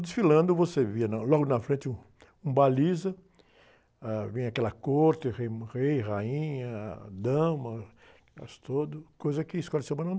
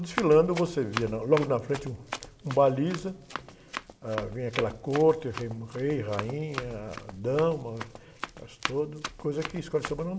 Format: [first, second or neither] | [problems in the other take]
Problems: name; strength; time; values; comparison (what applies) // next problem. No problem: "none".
first | background sound (Run); 11 dB below the speech // room echo; dies away in 1.1 s